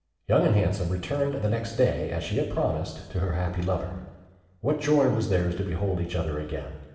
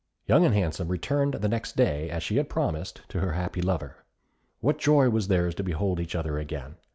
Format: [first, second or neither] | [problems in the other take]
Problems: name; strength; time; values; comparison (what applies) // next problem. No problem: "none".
second | room echo; dies away in 1.2 s